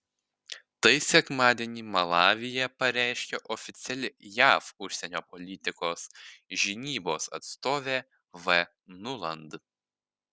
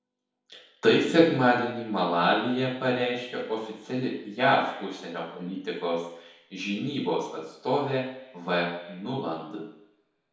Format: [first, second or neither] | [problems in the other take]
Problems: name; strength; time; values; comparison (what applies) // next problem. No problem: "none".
first | room echo; dies away in 2 s